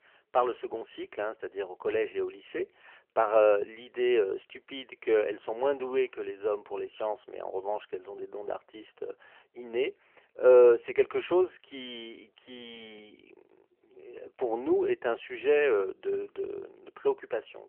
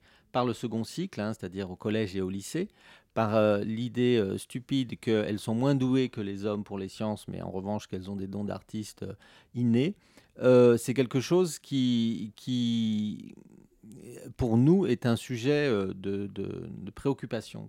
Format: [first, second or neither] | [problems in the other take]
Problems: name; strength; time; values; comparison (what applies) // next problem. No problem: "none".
second | phone-call audio; nothing above 3 kHz